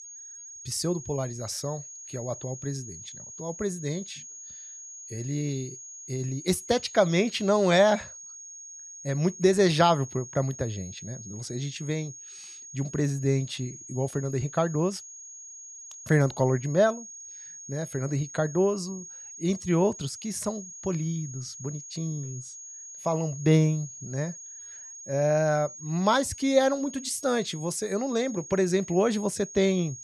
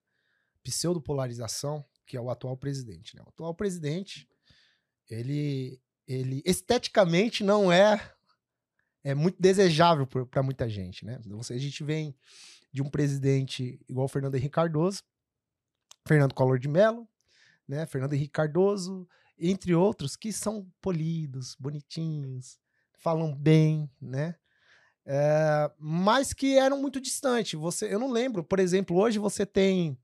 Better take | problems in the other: second | high-pitched whine; noticeable; throughout; 6.5 kHz, 15 dB below the speech

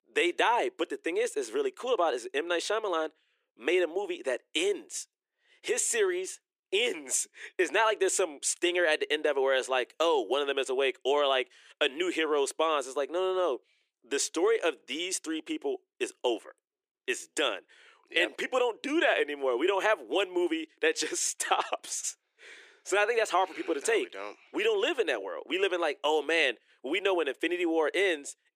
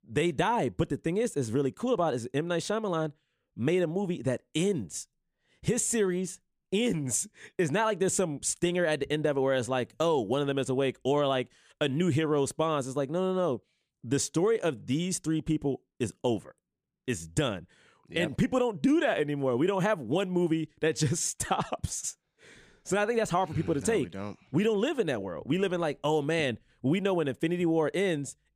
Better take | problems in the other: second | thin; very; fading below 350 Hz

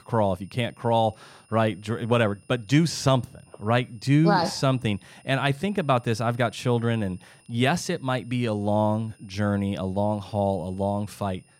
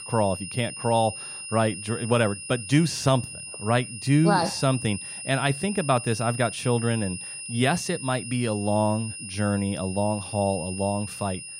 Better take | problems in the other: first | high-pitched whine; loud; throughout; 9.5 kHz, 9 dB below the speech; faint in the first

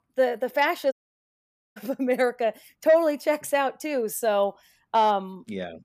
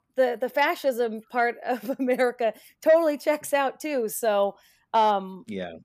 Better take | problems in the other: second | audio cutting out; at 1 s for 1 s

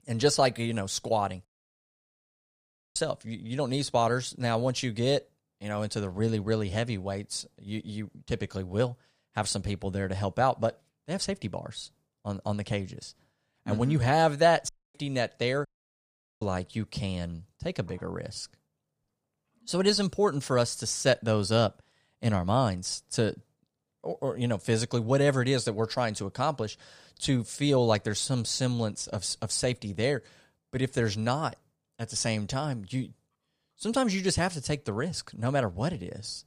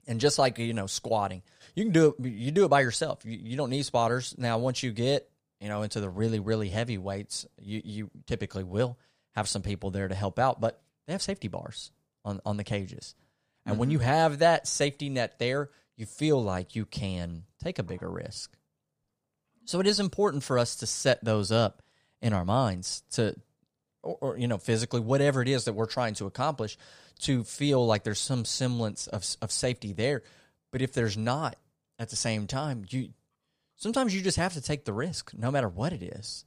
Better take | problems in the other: second | audio cutting out; at 1.5 s for 1.5 s, at 15 s and at 16 s for 1 s

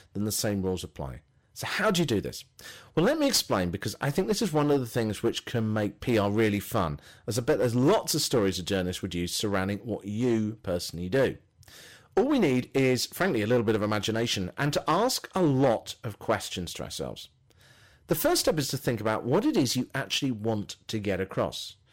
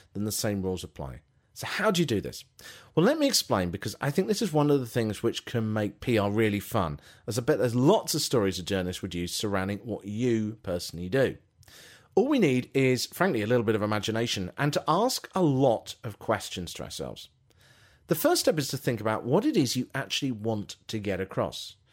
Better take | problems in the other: second | distortion; slight; 5% of the sound clipped

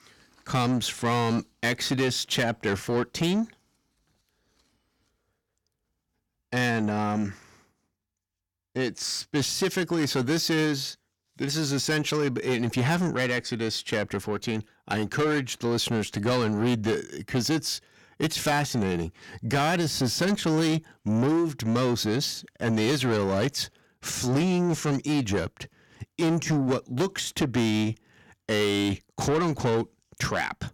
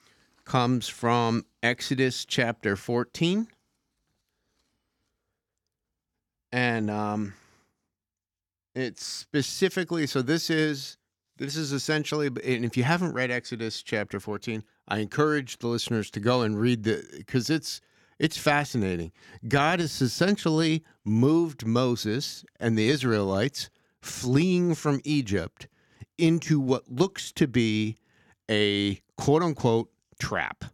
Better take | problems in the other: second | distortion; heavy; 8 dB below the speech

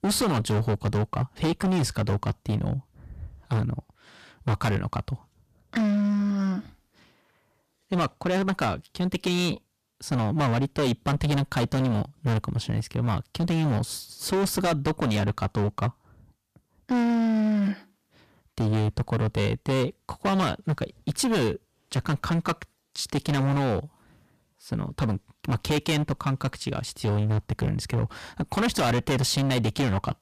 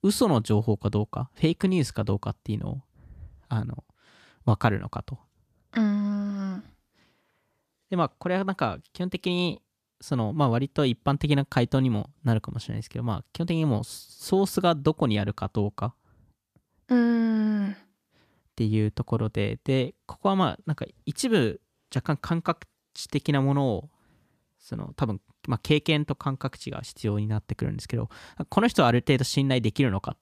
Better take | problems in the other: second | distortion; heavy; 18% of the sound clipped

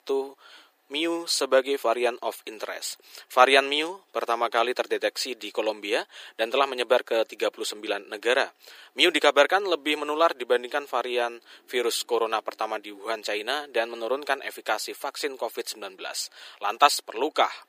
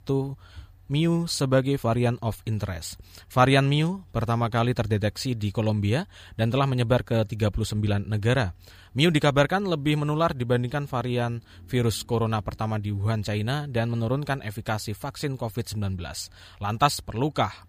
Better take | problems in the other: second | thin; very; fading below 350 Hz

